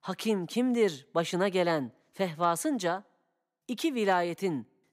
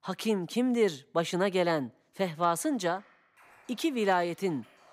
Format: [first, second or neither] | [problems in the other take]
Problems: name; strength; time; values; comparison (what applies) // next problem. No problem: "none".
first | background music; faint; throughout; 30 dB below the speech